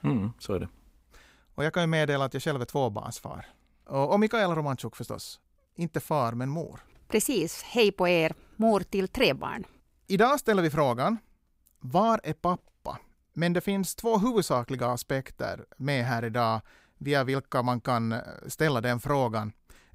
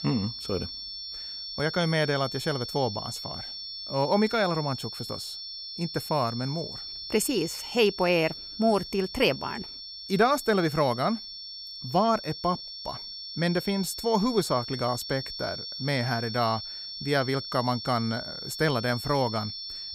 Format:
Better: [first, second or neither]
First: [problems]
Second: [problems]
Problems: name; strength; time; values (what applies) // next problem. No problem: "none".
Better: first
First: none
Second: high-pitched whine; loud; throughout; 5.5 kHz, 8 dB below the speech